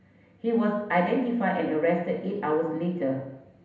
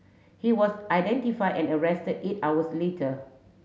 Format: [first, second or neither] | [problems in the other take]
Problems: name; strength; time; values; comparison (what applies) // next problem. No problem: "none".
second | room echo; dies away in 0.8 s